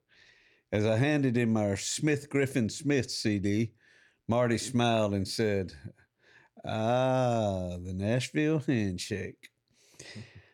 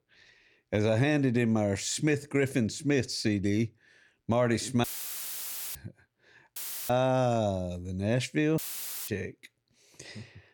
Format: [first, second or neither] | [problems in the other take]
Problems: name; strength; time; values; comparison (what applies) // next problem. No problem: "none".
first | audio cutting out; filled with static; at 5 s for 1 s, at 6.5 s and at 8.5 s for 0.5 s